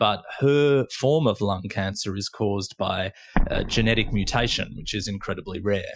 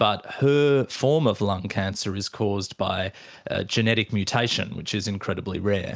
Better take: second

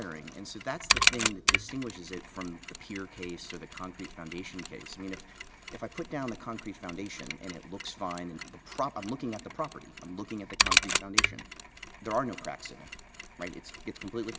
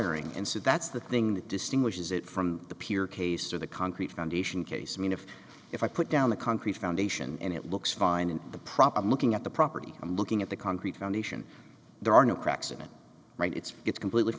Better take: second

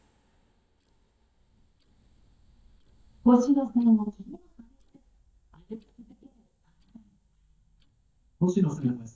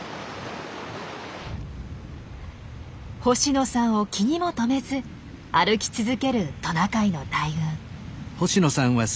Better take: second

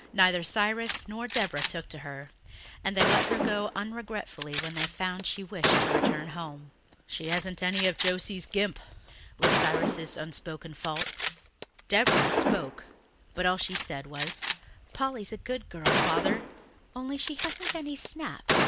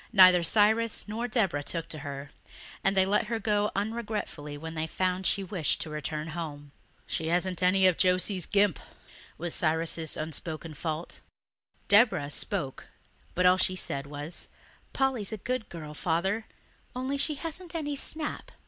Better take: second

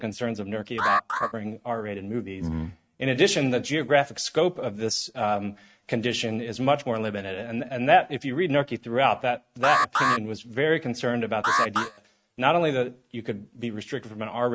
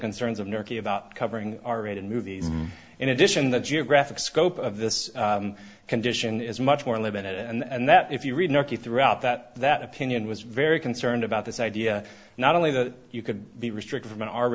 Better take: second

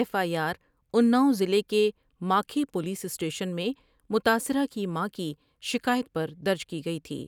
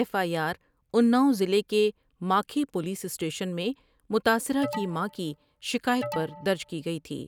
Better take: first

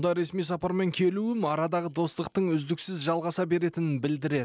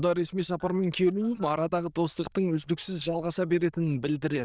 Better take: first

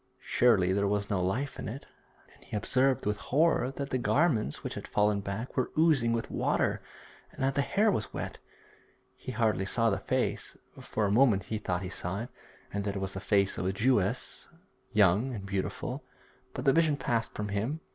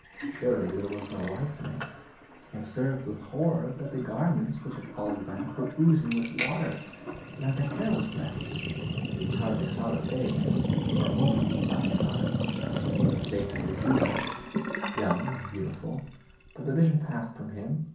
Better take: first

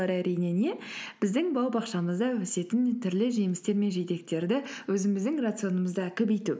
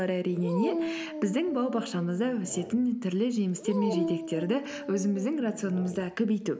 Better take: first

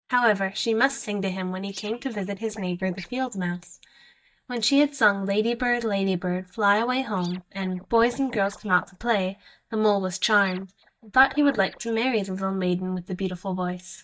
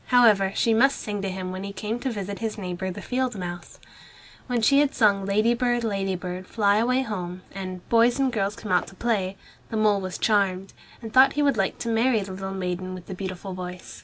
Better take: second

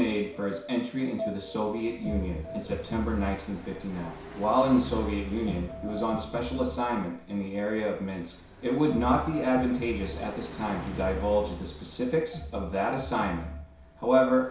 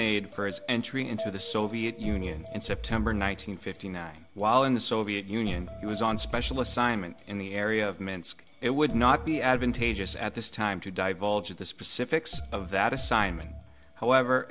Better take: second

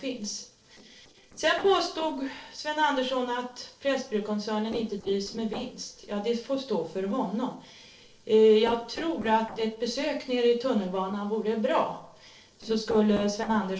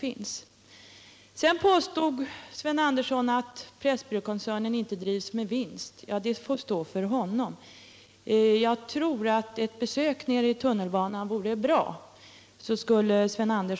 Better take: second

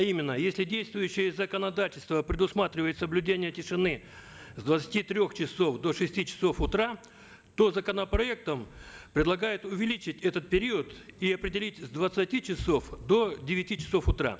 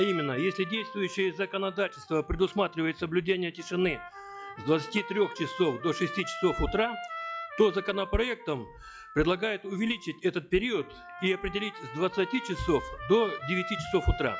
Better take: first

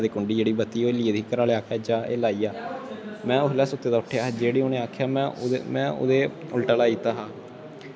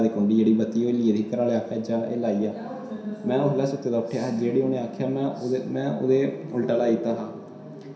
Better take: first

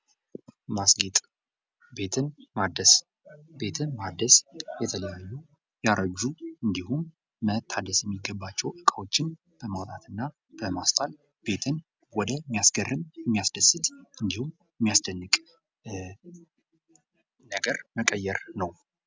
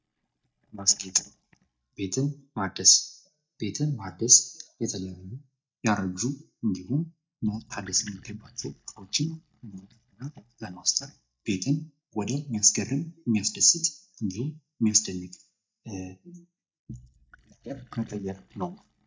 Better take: first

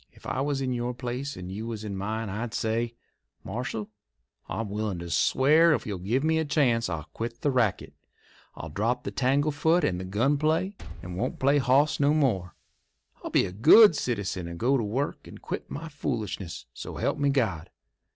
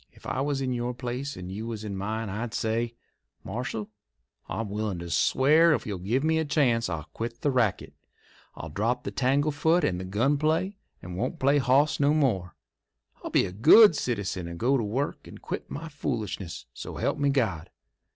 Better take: second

